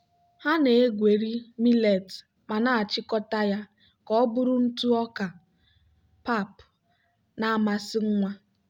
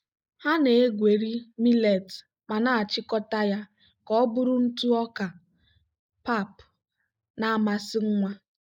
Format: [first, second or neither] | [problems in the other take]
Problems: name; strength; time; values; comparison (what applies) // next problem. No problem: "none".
first | noise reduction (neural mask model Resemble Enhance denoiser)